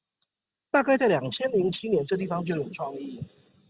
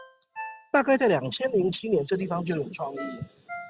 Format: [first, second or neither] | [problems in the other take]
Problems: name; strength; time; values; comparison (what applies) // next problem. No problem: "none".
first | background sound (Ringtone); 17 dB below the speech